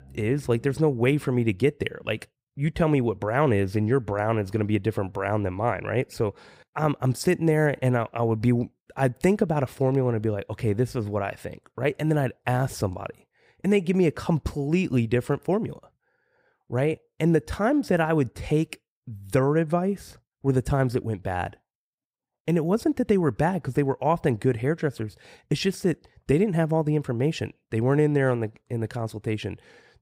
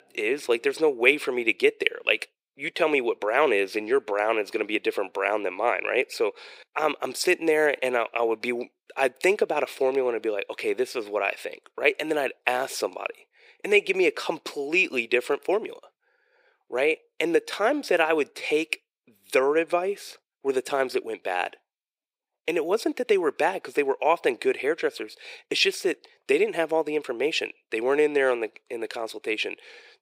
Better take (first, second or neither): first